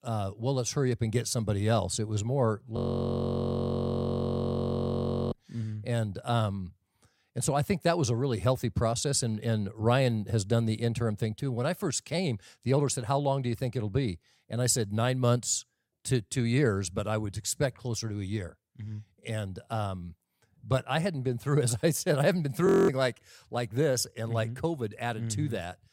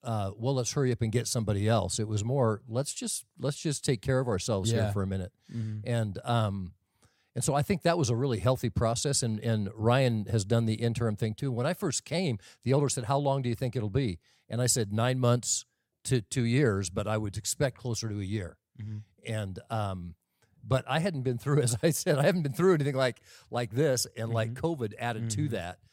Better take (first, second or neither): second